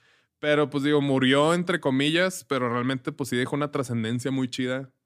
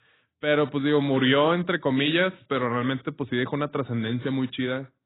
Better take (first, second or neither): first